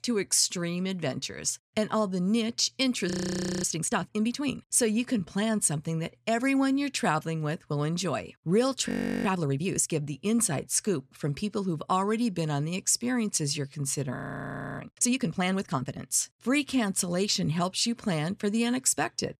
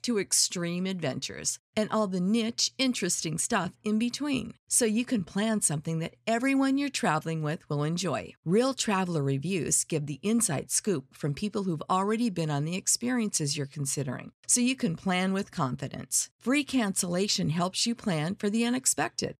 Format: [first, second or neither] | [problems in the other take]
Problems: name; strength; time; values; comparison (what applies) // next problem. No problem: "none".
second | audio freezing; at 3 s for 0.5 s, at 9 s and at 14 s for 0.5 s